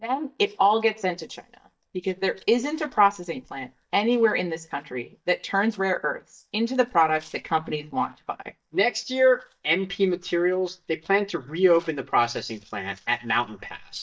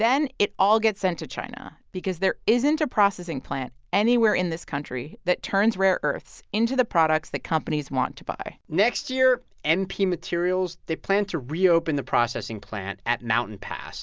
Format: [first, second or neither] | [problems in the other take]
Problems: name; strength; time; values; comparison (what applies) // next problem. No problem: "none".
second | noise reduction (neural mask model DeepFilterNet 3)